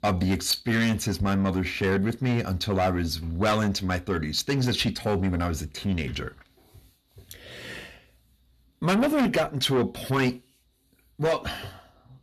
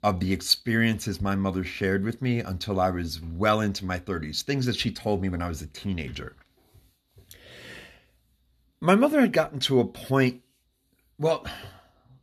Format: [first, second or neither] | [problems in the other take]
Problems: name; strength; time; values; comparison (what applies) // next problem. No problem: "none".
second | distortion; heavy; 7 dB below the speech